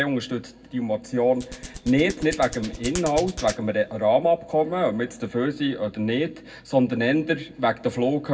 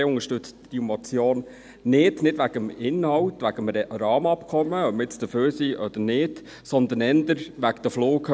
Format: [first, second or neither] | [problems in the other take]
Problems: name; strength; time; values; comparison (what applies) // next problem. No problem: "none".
second | background sound (Hands); 14 dB below the speech // room echo; dies away in 0.3 s